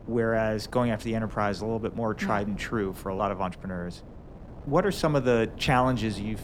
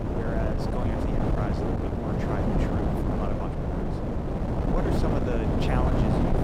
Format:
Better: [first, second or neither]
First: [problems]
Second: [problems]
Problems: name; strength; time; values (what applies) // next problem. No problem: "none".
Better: first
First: wind noise on the microphone; occasional gusts; 20 dB below the speech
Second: wind noise on the microphone; heavy; 5 dB above the speech